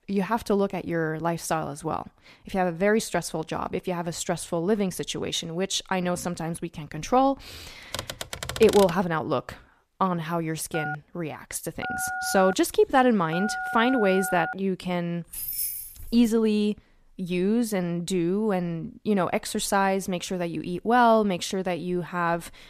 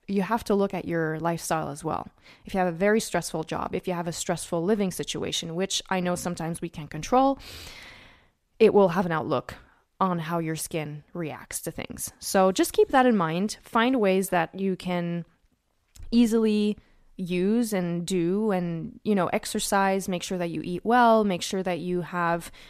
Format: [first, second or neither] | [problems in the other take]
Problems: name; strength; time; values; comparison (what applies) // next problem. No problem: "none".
second | keyboard typing; noticeable; at 8 s; peak 5 dB below the speech // phone ringing; noticeable; from 11 to 15 s; peak 4 dB below the speech // jangling keys; noticeable; at 15 s; peak 2 dB below the speech